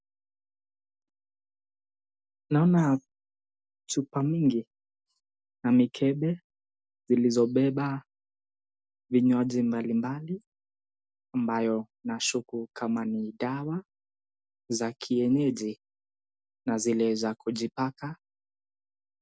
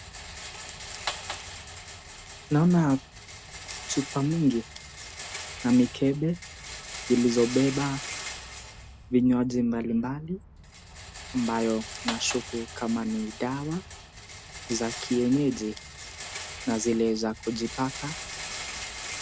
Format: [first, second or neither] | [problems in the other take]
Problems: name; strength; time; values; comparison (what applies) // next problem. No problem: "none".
first | background sound (Rattle); 11 dB below the speech